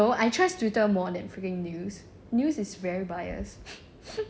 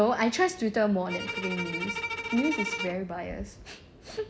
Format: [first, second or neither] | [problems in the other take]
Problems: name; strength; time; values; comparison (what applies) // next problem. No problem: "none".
first | background sound (Bowed string instrument); 6 dB below the speech